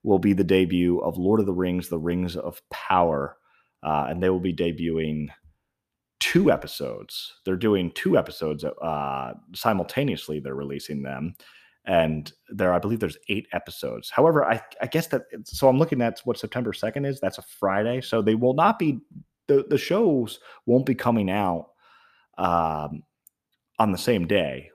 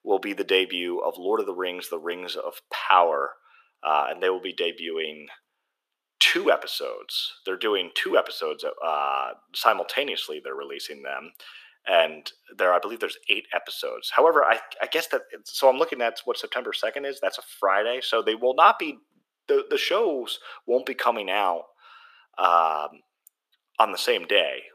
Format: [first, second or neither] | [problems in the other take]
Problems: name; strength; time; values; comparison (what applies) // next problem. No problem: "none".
first | thin; very; fading below 400 Hz